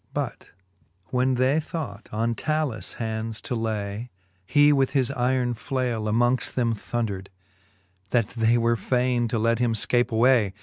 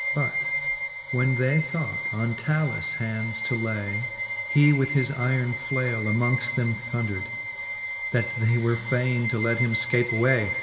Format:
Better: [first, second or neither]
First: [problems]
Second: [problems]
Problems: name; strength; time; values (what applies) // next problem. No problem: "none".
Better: first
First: none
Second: background sound (Bowed string instrument); 5 dB below the speech // room echo; dies away in 1.4 s